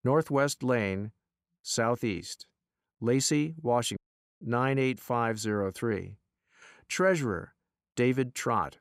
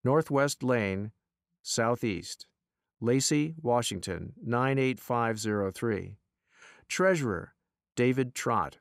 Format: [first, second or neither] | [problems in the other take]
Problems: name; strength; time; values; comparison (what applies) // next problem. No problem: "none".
second | audio cutting out; at 4 s